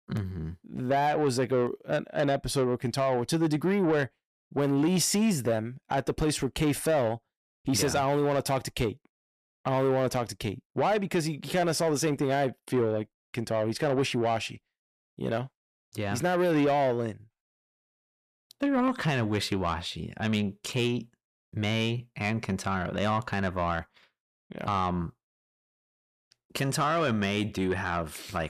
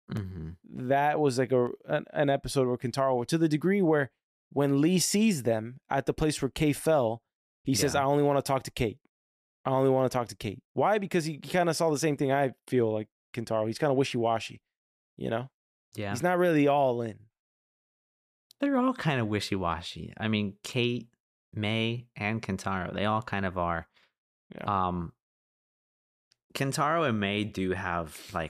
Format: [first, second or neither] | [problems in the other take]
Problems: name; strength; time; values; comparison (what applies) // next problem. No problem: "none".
second | distortion; slight; 10 dB below the speech